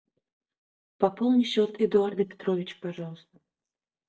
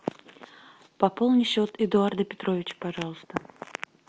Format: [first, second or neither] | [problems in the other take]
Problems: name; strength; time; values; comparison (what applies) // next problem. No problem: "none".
second | noise reduction (neural mask model DeepFilterNet 3)